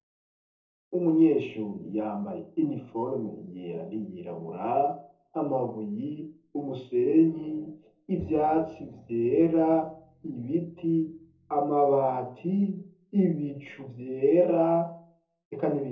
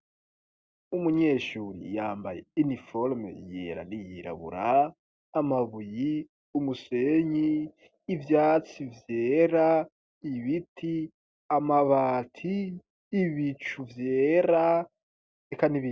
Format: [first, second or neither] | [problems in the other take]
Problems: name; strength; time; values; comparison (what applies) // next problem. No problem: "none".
second | noise reduction (neural separator model SepFormer DNS4)